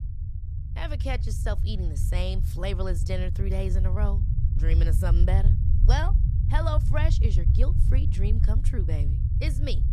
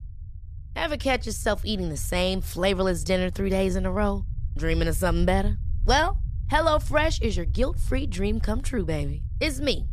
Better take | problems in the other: second | low rumble; loud; throughout; 6 dB below the speech; faint in the second

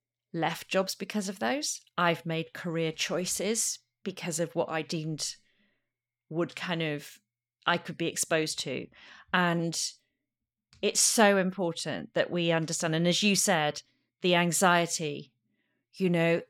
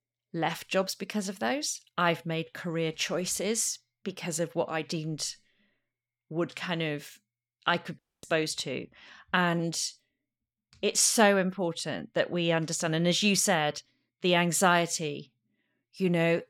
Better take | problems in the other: first | audio cutting out; at 8 s

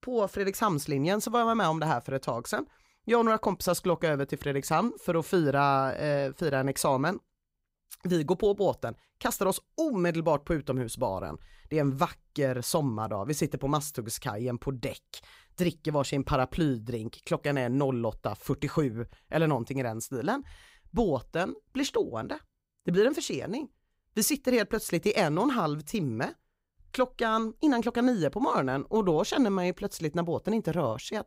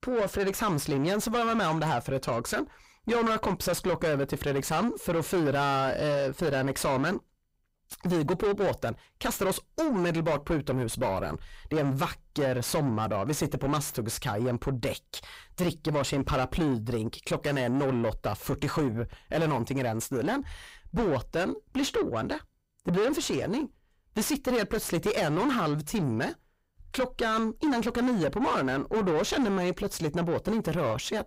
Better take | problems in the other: first | distortion; heavy; 5 dB below the speech

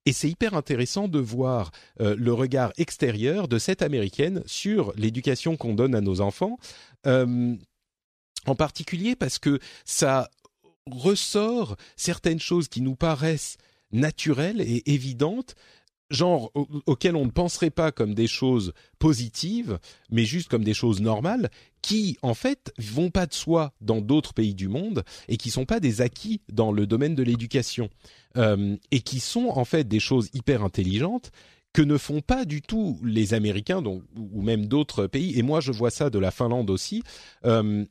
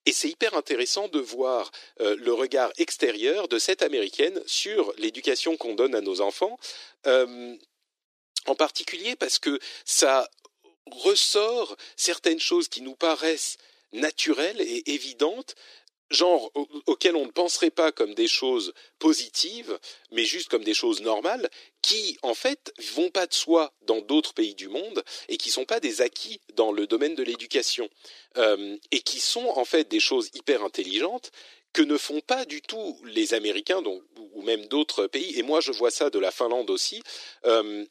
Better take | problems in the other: first | thin; very; fading below 300 Hz

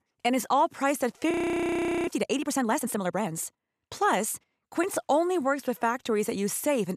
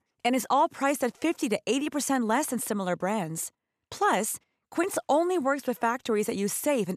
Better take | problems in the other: second | audio freezing; at 1.5 s for 1 s

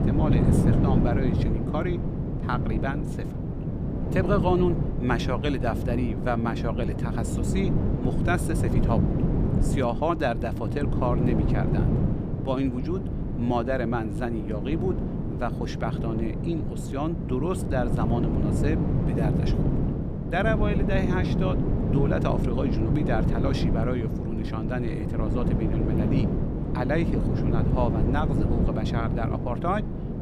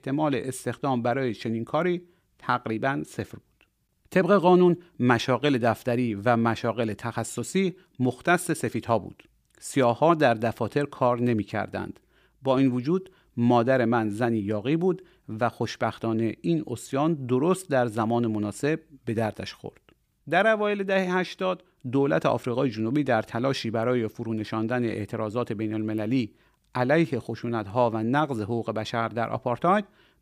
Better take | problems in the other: second | wind noise on the microphone; heavy; 3 dB below the speech

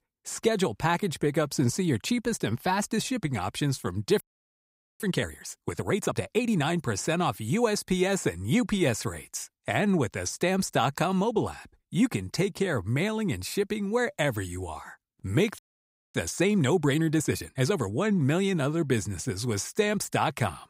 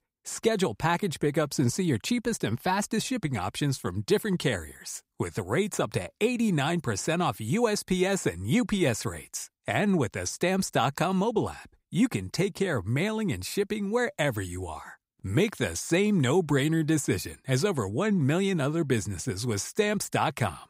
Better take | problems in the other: second | audio freezing; at 4 s for 1 s and at 16 s for 0.5 s

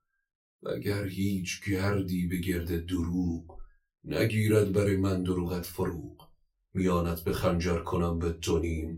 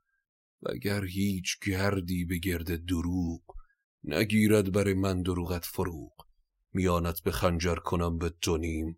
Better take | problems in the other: second | off-mic speech; far // room echo; very slight; dies away in 0.2 s

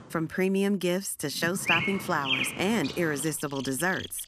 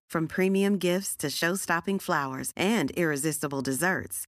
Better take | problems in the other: second | animal sounds; loud; throughout; 2 dB below the speech

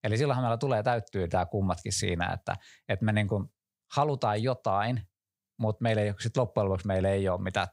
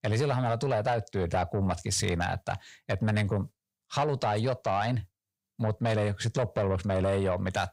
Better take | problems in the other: first | distortion; slight; 10 dB below the speech

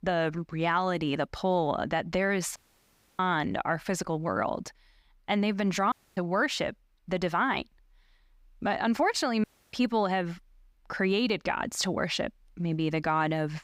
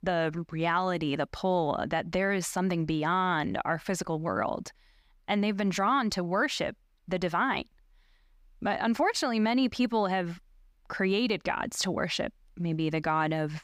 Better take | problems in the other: second | audio cutting out; at 2.5 s for 0.5 s, at 6 s and at 9.5 s

